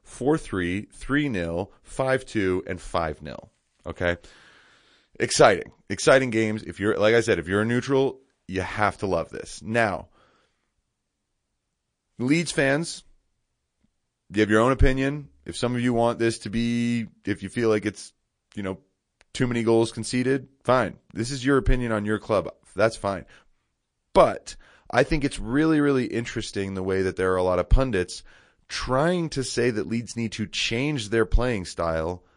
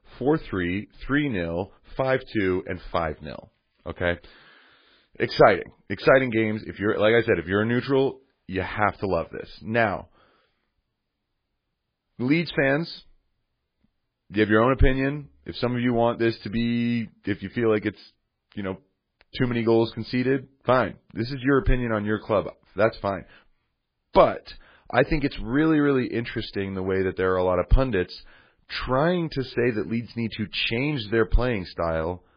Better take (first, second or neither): first